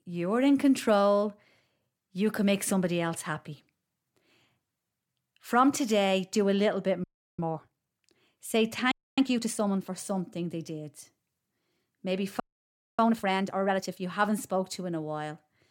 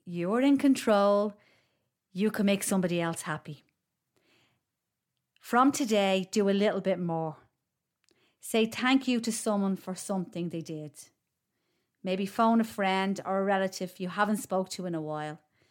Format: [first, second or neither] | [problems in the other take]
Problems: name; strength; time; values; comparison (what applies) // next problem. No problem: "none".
second | audio freezing; at 7 s, at 9 s and at 12 s for 0.5 s